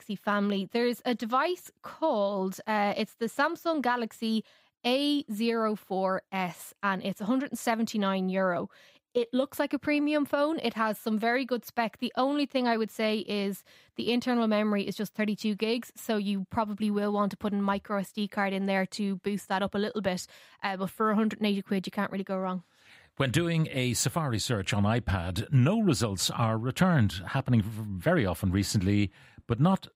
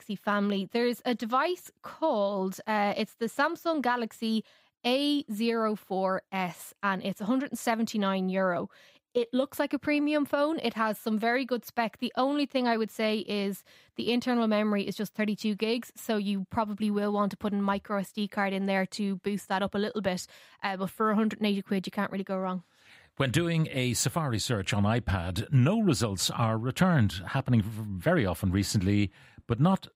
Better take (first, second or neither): neither